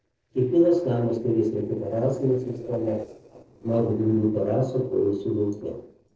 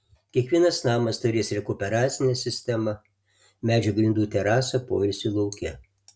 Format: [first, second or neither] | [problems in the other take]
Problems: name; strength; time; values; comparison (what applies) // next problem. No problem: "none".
second | noise reduction (neural separator model SepFormer DNS4)